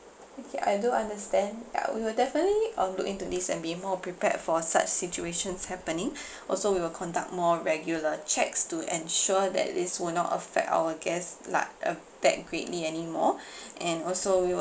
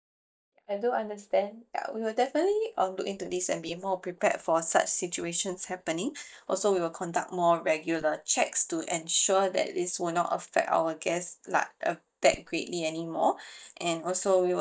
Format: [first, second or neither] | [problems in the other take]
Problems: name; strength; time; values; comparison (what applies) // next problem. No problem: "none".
first | noise reduction (neural mask model DeepFilterNet 3)